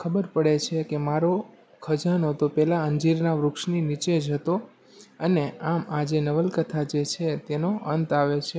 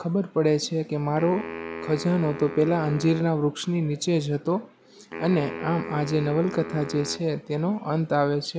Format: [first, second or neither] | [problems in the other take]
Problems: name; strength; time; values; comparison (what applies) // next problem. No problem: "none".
first | background sound (Wind instrument, woodwind instrument); 13 dB below the speech